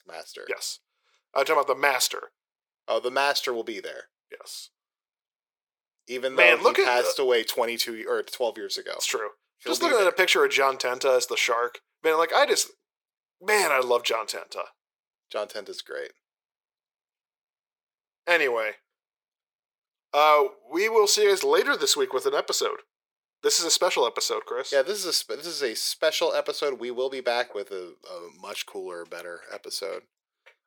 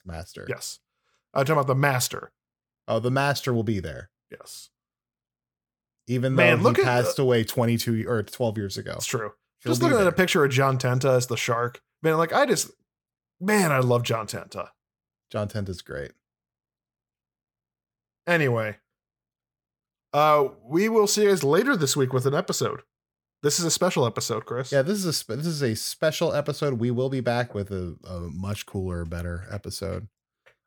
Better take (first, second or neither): second